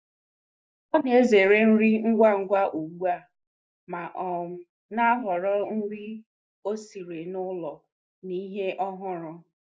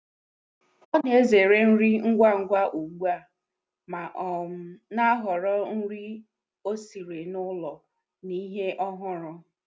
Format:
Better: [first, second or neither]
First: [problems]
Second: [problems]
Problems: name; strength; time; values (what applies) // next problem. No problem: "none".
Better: second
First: noise reduction (neural mask model Resemble Enhance denoiser)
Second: none